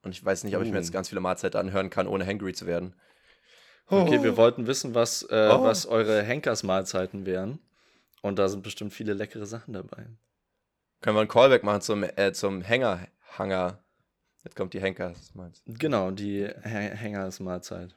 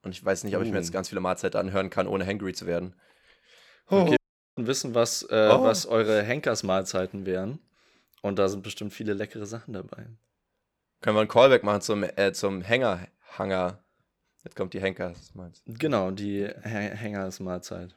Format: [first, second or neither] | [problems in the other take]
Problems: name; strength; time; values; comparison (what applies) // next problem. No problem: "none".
first | audio cutting out; at 4 s